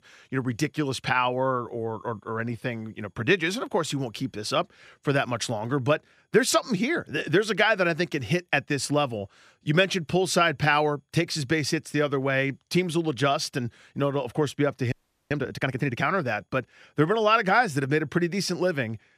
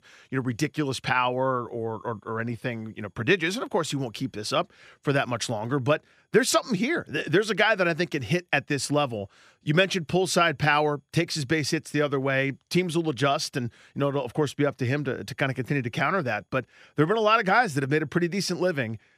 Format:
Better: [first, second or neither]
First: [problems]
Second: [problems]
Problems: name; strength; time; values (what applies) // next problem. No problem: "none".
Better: second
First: audio freezing; at 15 s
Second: none